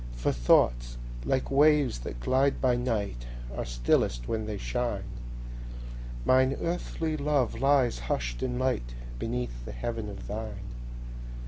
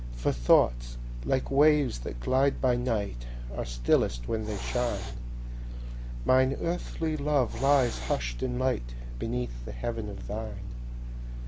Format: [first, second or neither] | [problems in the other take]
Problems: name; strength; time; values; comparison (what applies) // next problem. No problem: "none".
first | background sound (Hiss); 16 dB below the speech